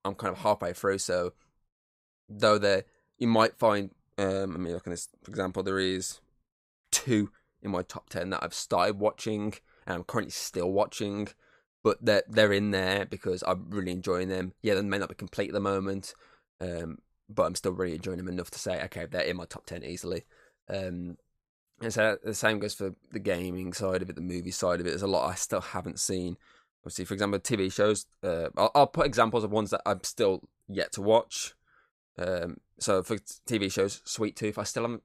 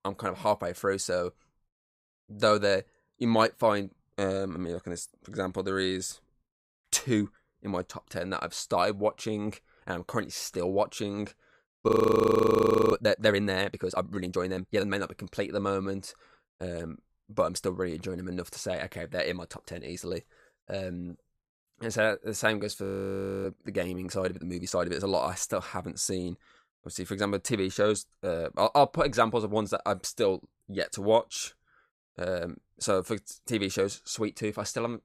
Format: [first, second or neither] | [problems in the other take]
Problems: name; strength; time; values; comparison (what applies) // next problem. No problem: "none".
first | audio freezing; at 12 s for 1 s and at 23 s for 0.5 s